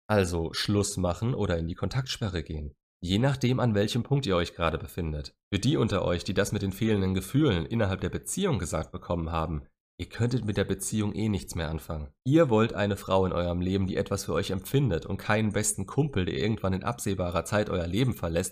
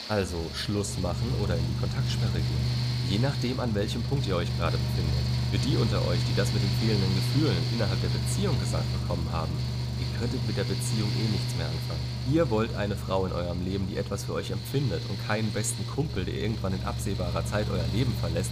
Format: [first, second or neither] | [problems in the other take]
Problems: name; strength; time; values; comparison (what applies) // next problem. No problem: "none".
first | machinery noise; very loud; throughout; 1 dB above the speech